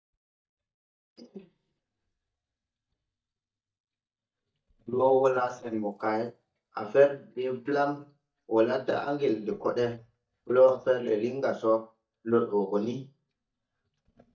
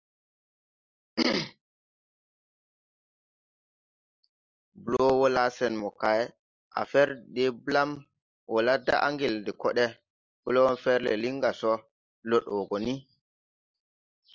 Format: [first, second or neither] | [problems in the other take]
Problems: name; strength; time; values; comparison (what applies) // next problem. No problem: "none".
second | noise reduction (neural mask model DeepFilterNet 3)